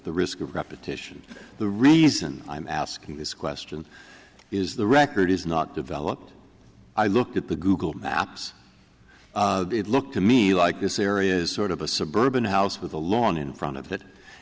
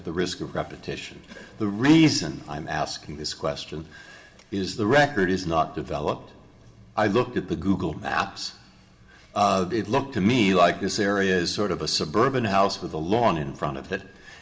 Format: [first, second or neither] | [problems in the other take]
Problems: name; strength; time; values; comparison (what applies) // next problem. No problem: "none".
first | room echo; dies away in 0.5 s